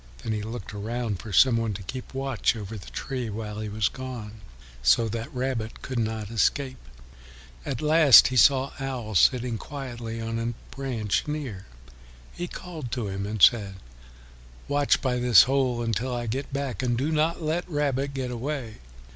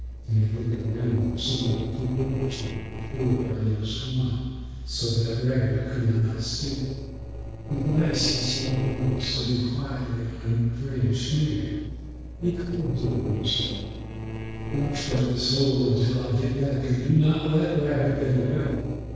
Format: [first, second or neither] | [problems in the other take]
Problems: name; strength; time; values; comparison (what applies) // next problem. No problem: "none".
first | noise reduction (neural separator model SepFormer DNS4)